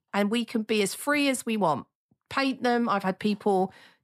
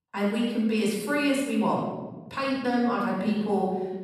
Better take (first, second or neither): first